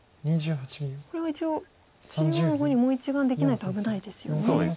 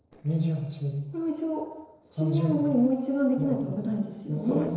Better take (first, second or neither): first